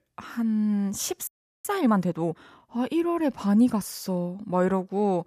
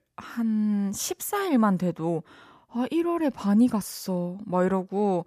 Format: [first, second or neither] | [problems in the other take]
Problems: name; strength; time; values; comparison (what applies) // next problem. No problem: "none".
second | audio freezing; at 1.5 s